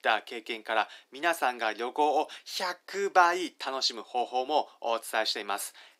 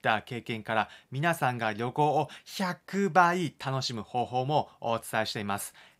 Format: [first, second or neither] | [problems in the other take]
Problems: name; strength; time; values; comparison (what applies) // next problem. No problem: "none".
second | thin; somewhat; fading below 300 Hz